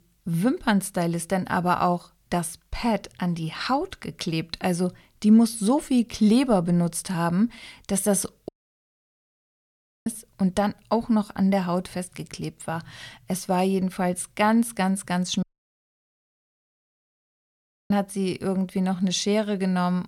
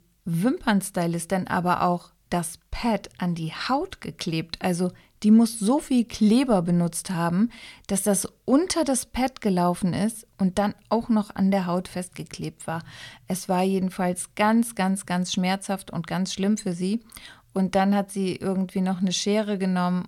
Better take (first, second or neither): second